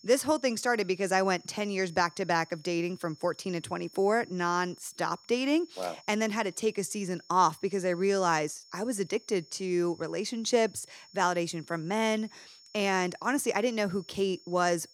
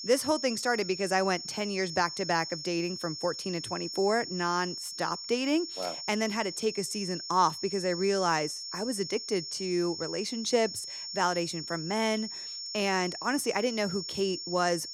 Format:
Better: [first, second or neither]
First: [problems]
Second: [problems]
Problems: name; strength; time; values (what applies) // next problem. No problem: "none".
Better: first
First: high-pitched whine; faint; throughout; 5.5 kHz, 25 dB below the speech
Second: high-pitched whine; loud; throughout; 5.5 kHz, 7 dB below the speech